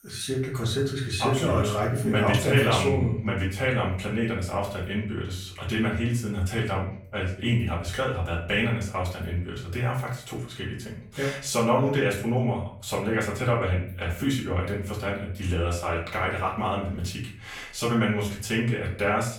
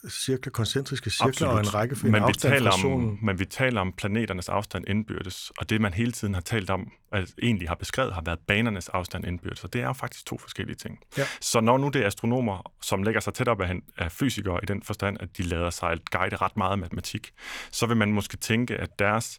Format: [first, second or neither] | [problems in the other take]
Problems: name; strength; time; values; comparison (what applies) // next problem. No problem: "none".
second | off-mic speech; far // room echo; slight; dies away in 0.5 s